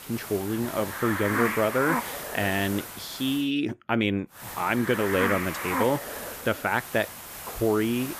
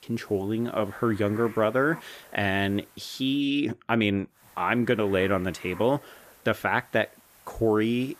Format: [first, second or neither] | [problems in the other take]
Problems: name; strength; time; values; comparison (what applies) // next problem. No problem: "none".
second | hiss; loud; until 3.5 s and from 4.5 s on; 5 dB below the speech; faint in the second